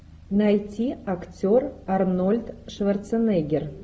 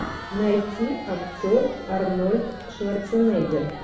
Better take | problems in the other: first | background sound (Crowd); 14 dB below the speech // room echo; dies away in 0.8 s

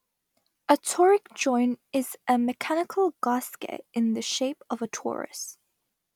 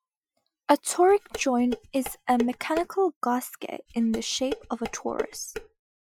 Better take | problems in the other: first | noise reduction (classical method Wiener filter)

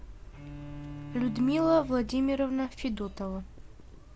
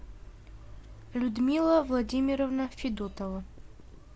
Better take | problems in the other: second | background sound (Bowed string instrument); 15 dB below the speech

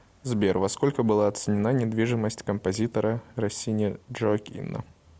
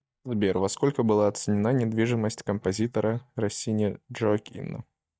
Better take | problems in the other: first | noise reduction (neural mask model DeepFilterNet 3)

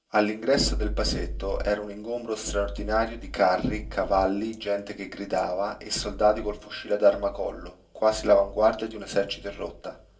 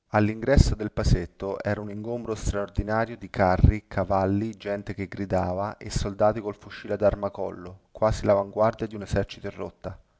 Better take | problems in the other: second | room echo; dies away in 0.2 s

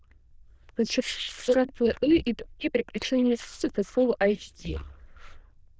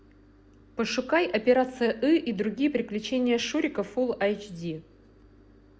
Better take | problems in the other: second | noise reduction (neural diffusion model UNIVERSE++)

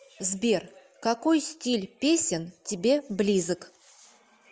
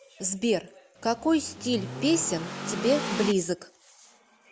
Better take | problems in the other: first | background sound (Accelerating, revving, vroom / Car); 7 dB below the speech

